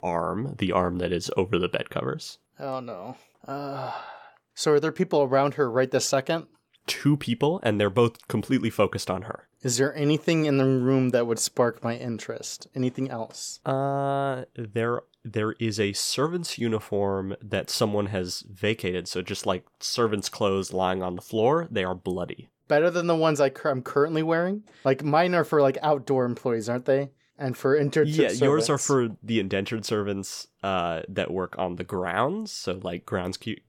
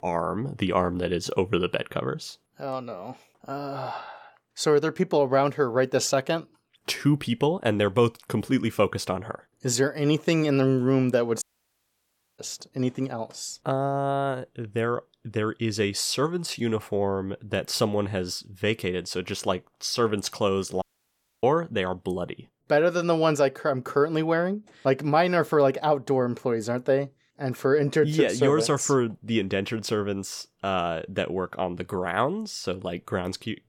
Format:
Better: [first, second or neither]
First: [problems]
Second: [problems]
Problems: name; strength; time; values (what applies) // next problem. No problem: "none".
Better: first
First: none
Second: audio cutting out; at 11 s for 1 s and at 21 s for 0.5 s